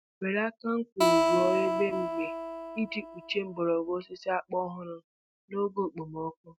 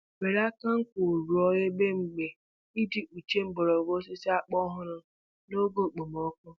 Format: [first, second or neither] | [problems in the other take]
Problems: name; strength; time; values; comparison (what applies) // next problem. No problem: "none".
second | noise reduction (neural mask model RNNoise)